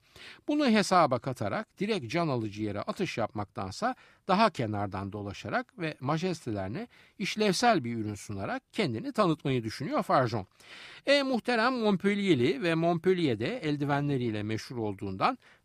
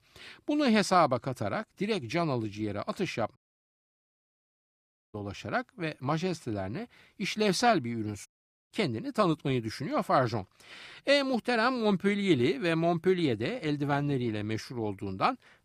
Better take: first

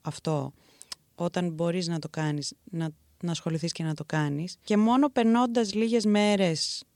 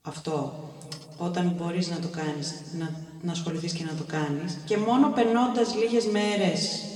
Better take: first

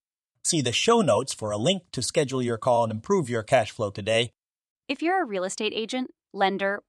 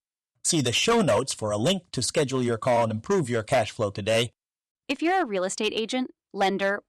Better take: first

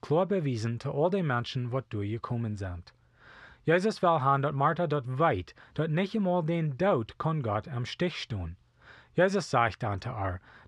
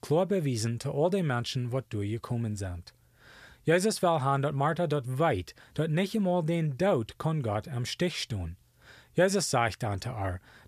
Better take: second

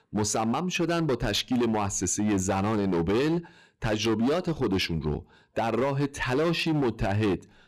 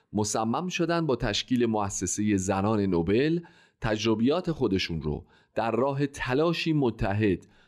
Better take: second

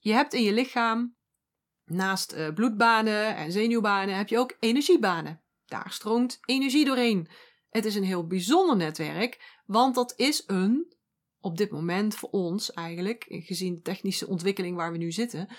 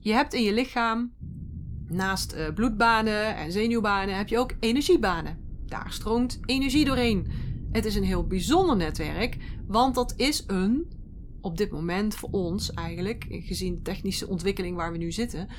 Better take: first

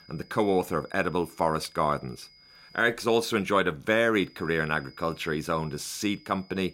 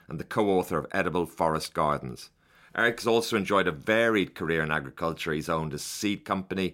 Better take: second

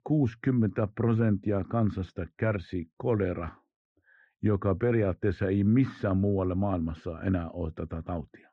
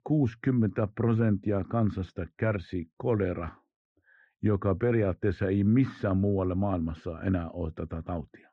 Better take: neither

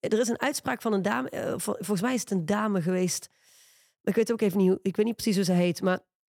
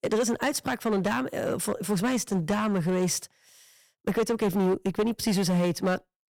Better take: first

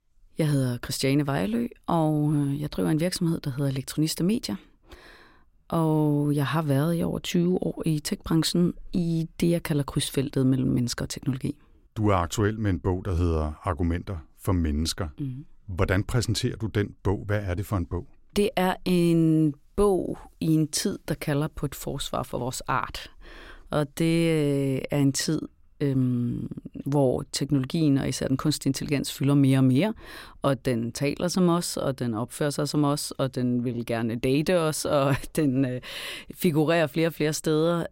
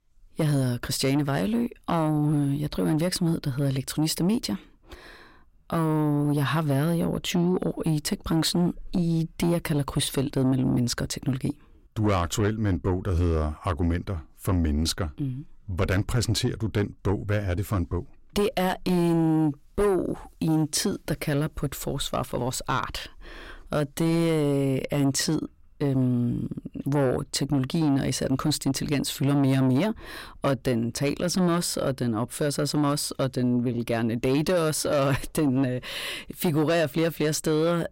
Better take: first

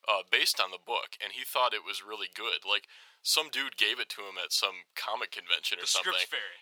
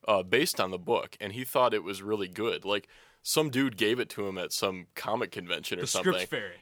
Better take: second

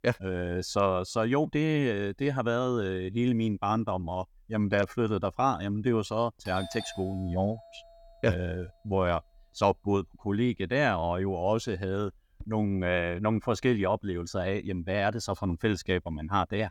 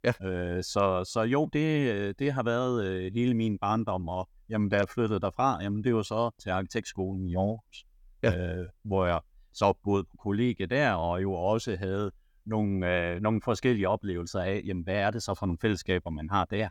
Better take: second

